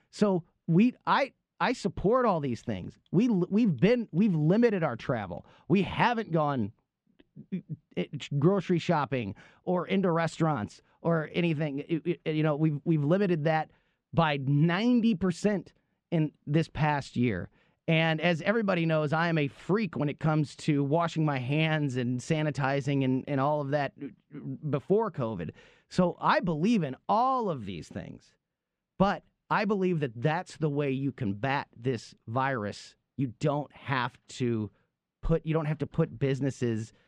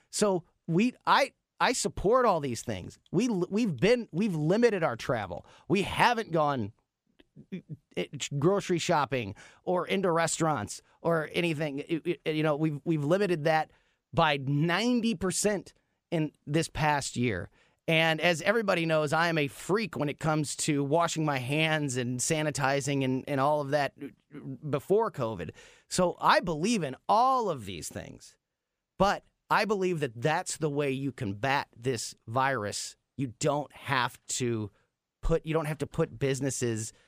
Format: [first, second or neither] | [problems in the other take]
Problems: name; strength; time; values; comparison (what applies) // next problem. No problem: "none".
second | muffled; slightly; fading above 3.5 kHz